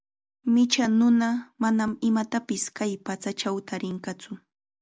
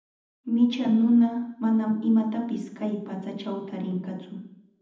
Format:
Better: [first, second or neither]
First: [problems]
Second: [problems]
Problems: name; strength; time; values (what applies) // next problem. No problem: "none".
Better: first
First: none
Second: room echo; dies away in 0.8 s